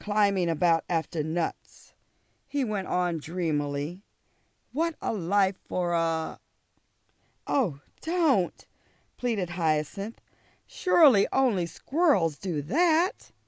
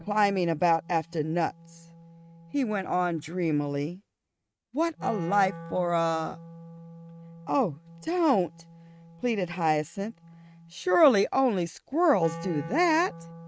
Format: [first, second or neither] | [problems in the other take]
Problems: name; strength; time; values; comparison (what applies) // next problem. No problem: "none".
first | noise reduction (neural mask model RNNoise)